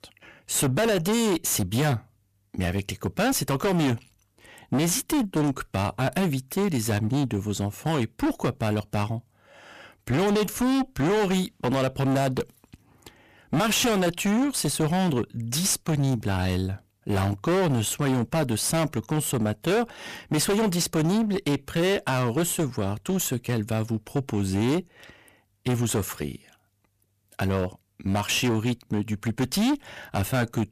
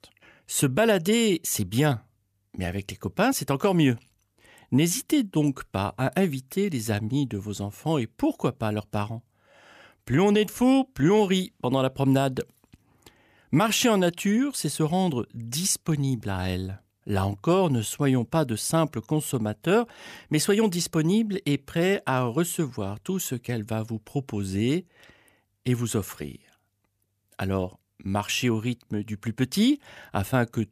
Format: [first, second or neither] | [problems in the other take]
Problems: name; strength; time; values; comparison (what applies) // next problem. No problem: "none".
second | distortion; heavy; 20% of the sound clipped